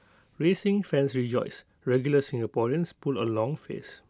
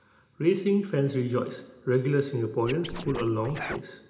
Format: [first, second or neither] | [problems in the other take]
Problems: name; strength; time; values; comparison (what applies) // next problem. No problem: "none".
first | background sound (Scratching (performance technique)); 10 dB below the speech // room echo; dies away in 0.8 s